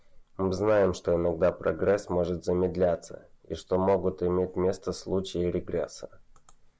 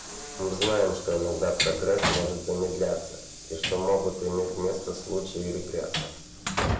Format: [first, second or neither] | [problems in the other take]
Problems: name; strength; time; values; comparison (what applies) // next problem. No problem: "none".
first | background sound (Train); 5 dB below the speech // room echo; dies away in 0.6 s